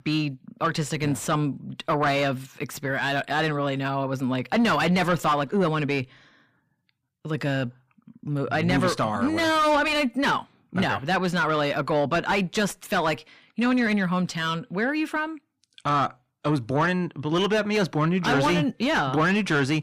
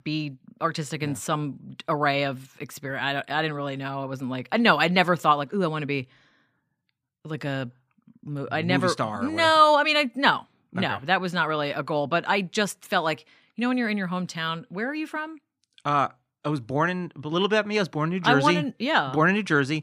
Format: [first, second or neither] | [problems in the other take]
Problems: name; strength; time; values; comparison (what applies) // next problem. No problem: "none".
second | distortion; heavy; 6 dB below the speech